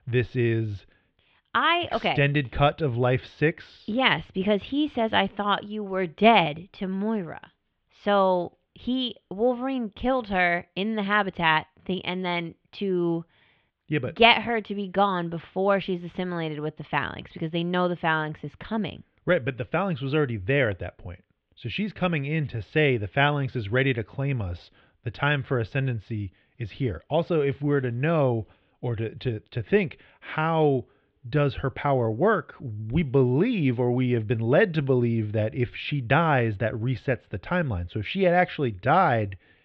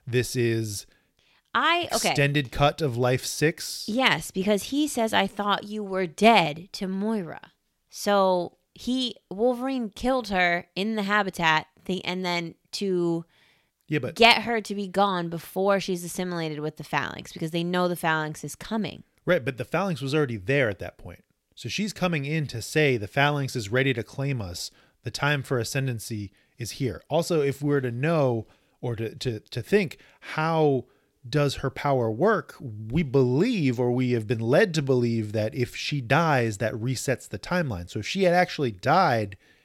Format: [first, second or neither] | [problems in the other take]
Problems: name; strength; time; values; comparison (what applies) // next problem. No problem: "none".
second | muffled; very; fading above 3.5 kHz